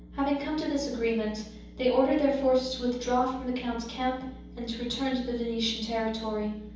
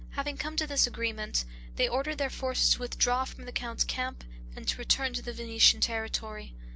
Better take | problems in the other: second | room echo; dies away in 0.9 s

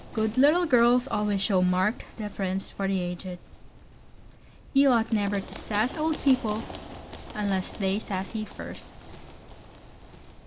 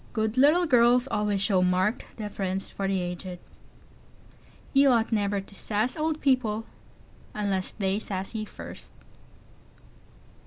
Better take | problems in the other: second | background sound (Run); 16 dB below the speech

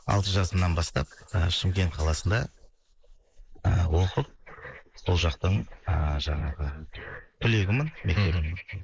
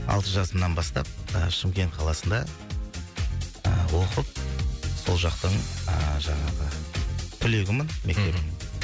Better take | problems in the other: second | noise reduction (neural mask model Resemble Enhance denoiser)

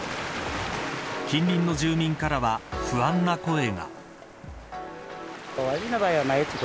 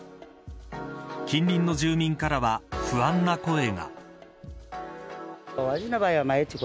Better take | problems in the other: second | background sound (Waves, surf); 9 dB below the speech

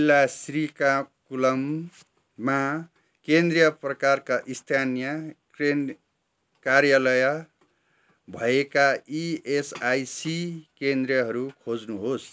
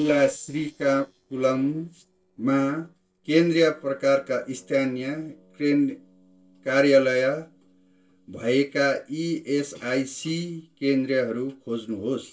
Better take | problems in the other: first | noise reduction (neural separator model SepFormer DNS4)

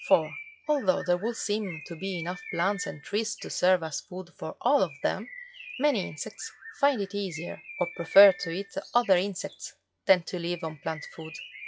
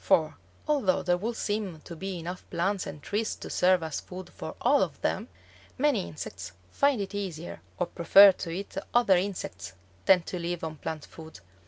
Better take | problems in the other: second | noise reduction (classical method log-MMSE)

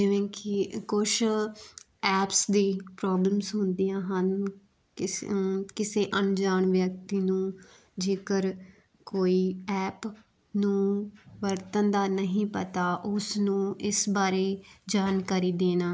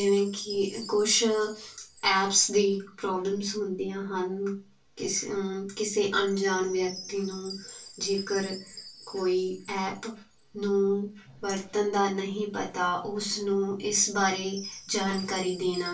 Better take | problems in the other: first | background sound (Chime); 19 dB below the speech // room echo; dies away in 0.1 s

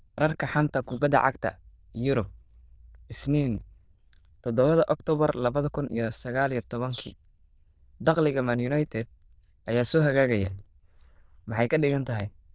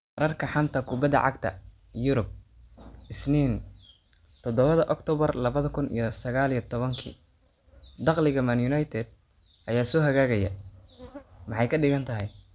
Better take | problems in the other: second | noise reduction (neural diffusion model UNIVERSE++)

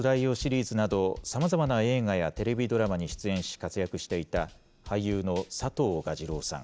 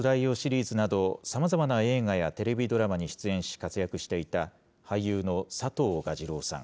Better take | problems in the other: second | background sound (Drum / Drum kit); 18 dB below the speech

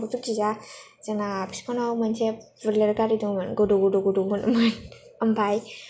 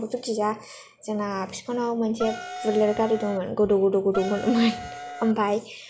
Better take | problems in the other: first | background sound (Wind instrument, woodwind instrument); 10 dB below the speech

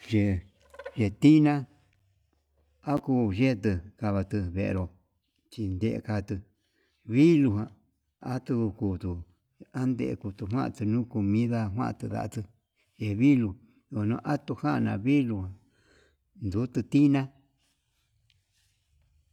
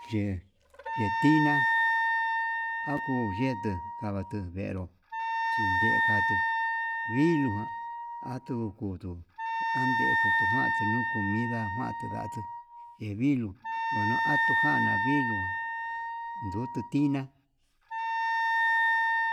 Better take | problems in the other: first | background sound (Wind instrument, woodwind instrument); 3 dB above the speech

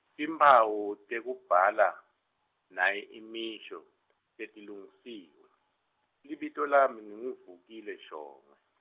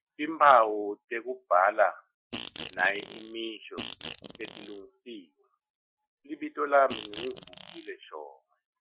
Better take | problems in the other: first | noise reduction (classical method Wiener filter)

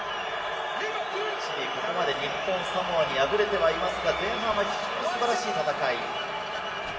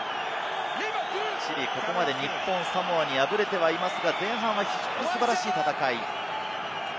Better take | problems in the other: second | background sound (Vehicle); 20 dB below the speech // room echo; dies away in 2.5 s

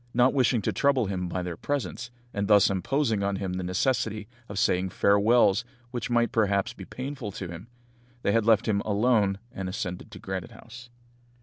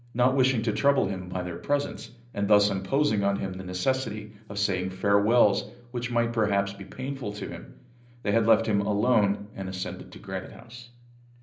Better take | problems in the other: first | room echo; dies away in 0.5 s

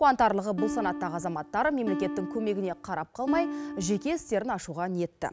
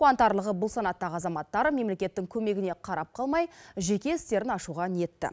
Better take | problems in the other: second | background sound (Acoustic guitar); 7 dB below the speech

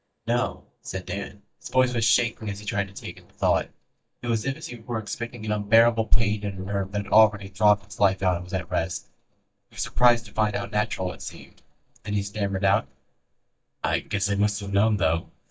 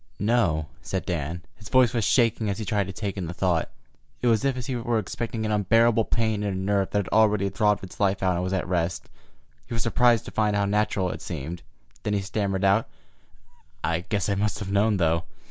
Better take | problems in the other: second | noise reduction (neural mask model DeepFilterNet 3)

